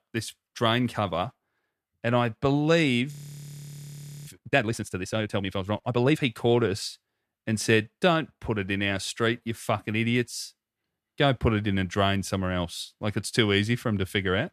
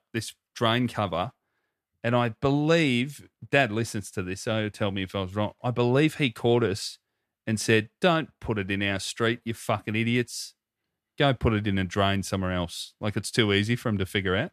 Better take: second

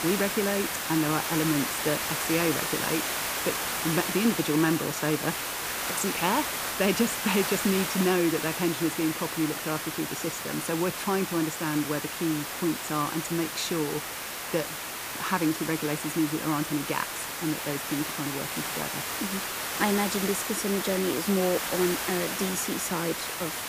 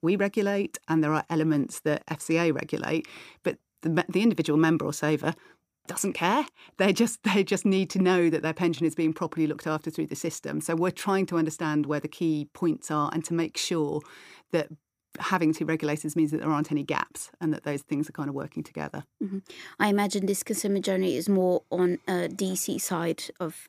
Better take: second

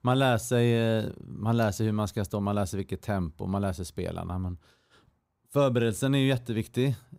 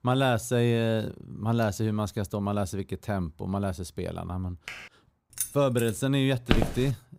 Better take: first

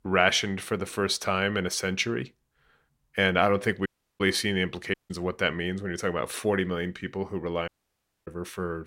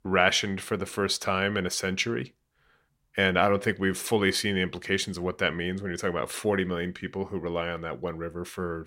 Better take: second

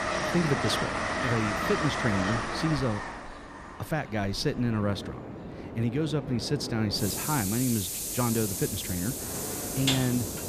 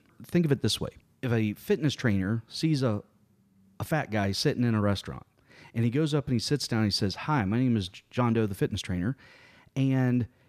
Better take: second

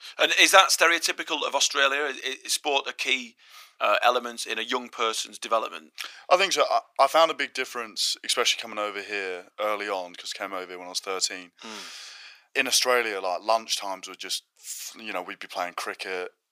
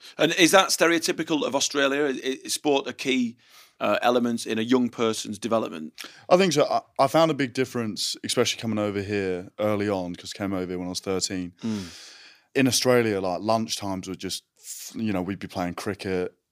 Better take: second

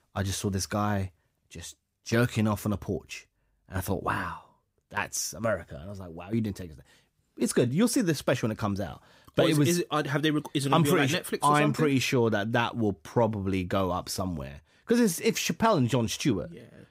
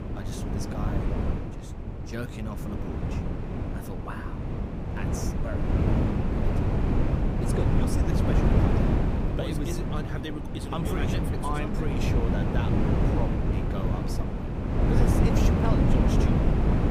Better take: first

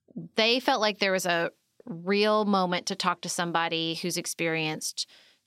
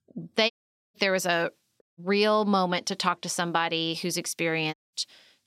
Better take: first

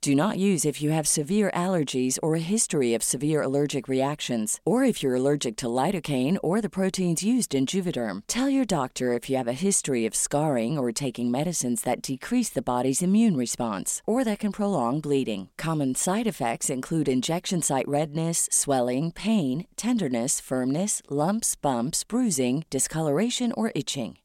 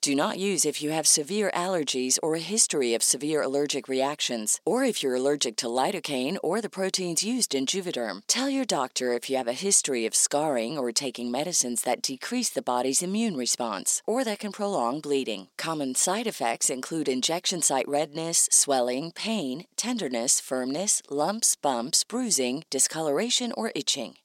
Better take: first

